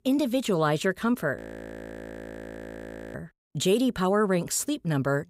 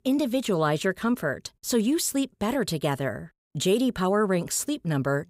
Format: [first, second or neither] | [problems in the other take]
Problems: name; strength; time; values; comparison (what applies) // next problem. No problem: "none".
second | audio freezing; at 1.5 s for 2 s